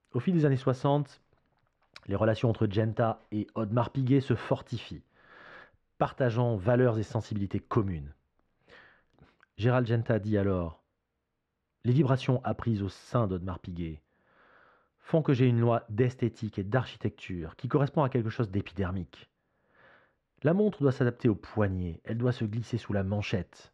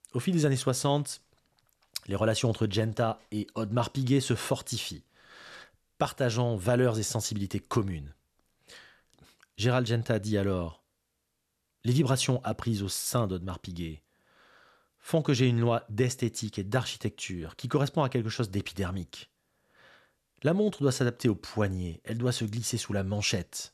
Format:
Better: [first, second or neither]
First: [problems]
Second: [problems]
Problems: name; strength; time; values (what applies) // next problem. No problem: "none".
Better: second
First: muffled; very; fading above 2 kHz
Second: none